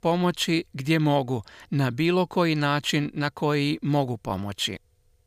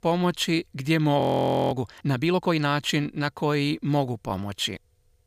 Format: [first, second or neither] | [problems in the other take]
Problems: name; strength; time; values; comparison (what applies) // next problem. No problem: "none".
first | audio freezing; at 1 s for 0.5 s